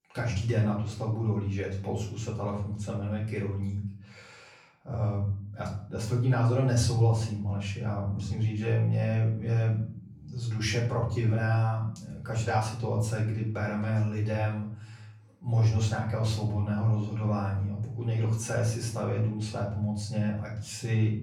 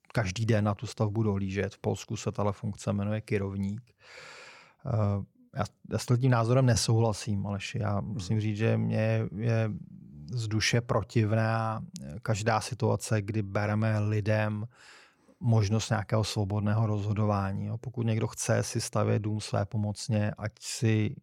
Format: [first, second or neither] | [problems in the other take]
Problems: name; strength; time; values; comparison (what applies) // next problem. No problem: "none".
second | room echo; slight; dies away in 0.5 s // off-mic speech; far